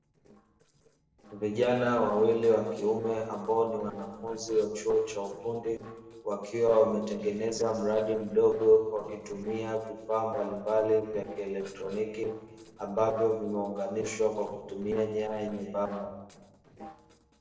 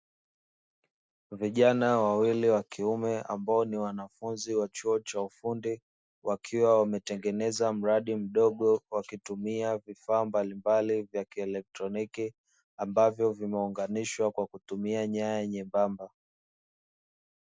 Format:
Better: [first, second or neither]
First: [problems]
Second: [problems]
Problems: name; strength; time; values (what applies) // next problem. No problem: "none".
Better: second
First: noise reduction (neural separator model SepFormer DNS4)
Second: none